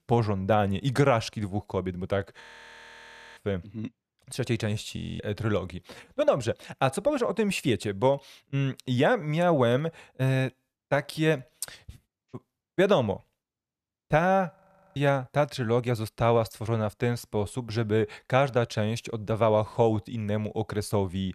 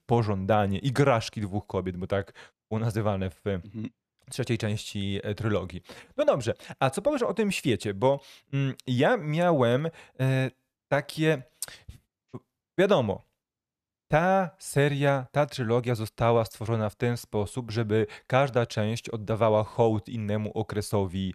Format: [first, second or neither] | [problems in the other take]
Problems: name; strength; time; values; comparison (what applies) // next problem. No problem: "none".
second | audio freezing; at 2.5 s for 1 s, at 5 s and at 15 s